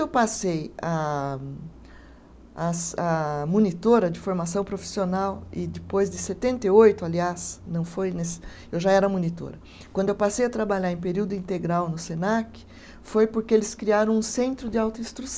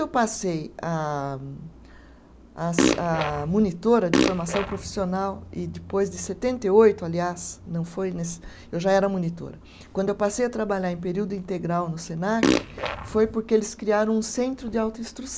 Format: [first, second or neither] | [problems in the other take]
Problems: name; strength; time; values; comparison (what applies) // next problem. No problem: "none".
first | background sound (Fart); as loud as the speech